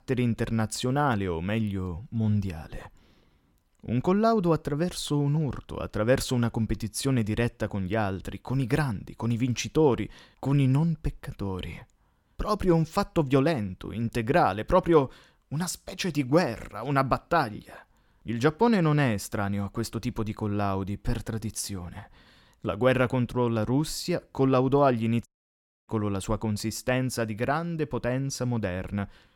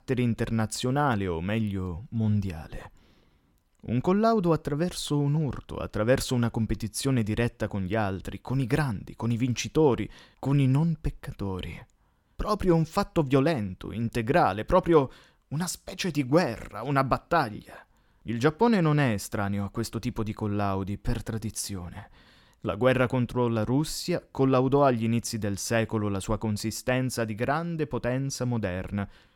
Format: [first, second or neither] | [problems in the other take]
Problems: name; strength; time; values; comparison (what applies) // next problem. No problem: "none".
second | audio cutting out; at 25 s for 0.5 s